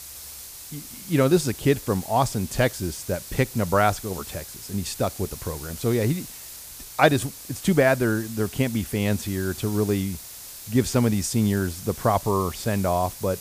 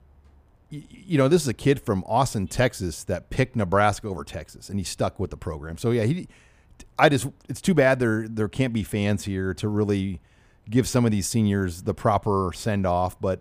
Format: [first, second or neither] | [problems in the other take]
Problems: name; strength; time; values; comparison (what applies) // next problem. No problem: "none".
second | hiss; noticeable; throughout; 15 dB below the speech